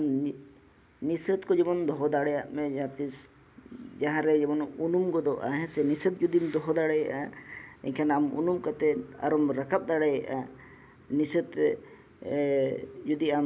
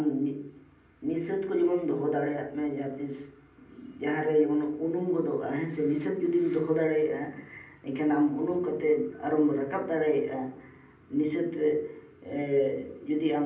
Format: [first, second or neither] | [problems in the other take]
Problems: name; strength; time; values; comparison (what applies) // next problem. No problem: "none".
first | room echo; dies away in 0.6 s